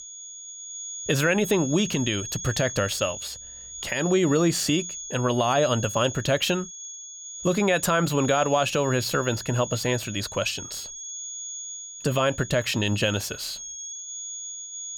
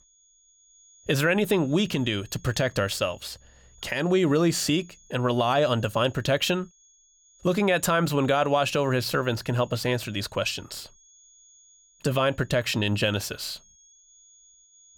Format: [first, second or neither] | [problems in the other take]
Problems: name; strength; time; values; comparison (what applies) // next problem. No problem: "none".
second | high-pitched whine; loud; throughout; 6.5 kHz, 10 dB below the speech; faint in the second